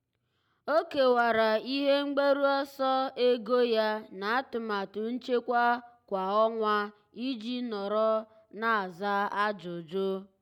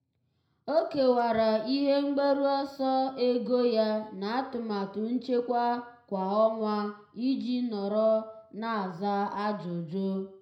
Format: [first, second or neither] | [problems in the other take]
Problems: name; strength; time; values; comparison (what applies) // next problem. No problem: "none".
first | room echo; dies away in 0.4 s